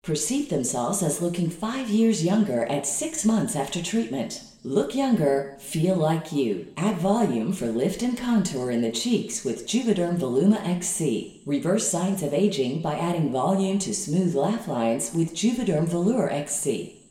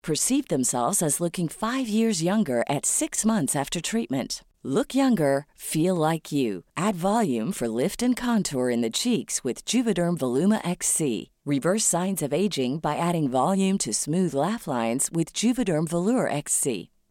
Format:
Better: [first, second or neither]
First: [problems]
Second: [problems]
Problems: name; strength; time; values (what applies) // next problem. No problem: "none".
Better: second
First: room echo; slight; dies away in 0.7 s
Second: none